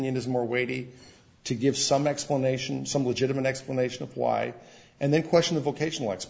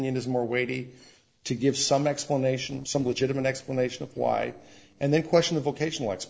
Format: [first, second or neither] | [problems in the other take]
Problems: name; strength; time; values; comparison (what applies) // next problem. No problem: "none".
first | noise reduction (neural separator model SepFormer DNS4)